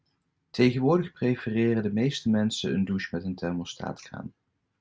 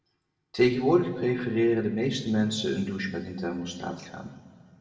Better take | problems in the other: first | room echo; dies away in 1.6 s

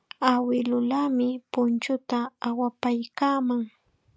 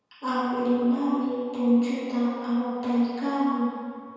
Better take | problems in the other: first | room echo; dies away in 1.9 s

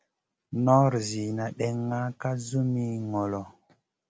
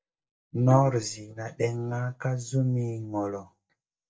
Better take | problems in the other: first | noise reduction (neural mask model DeepFilterNet 3)

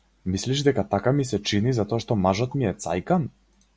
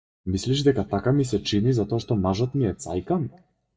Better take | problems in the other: first | noise reduction (neural mask model DeepFilterNet 3)

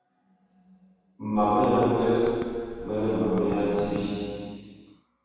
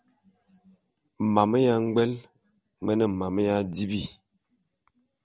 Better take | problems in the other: second | background sound (Typing); 15 dB below the speech // room echo; dies away in 2.2 s

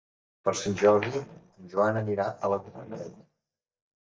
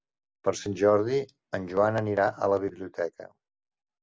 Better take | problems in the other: second | noise reduction (neural mask model DeepFilterNet 3)

